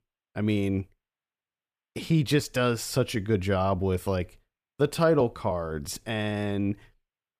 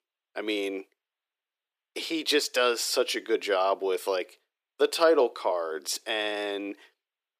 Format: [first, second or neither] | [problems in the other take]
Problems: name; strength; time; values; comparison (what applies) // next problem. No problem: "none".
first | thin; very; fading below 350 Hz